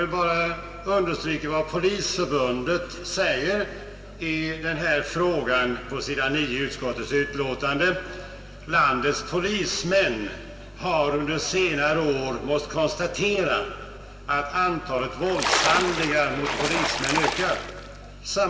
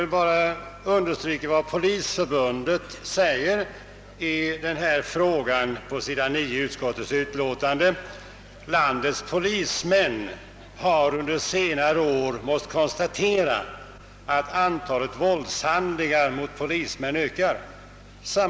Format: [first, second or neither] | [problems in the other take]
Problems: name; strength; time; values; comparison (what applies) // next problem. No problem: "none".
second | background sound (Splash, splatter); 2 dB below the speech // room echo; dies away in 1.7 s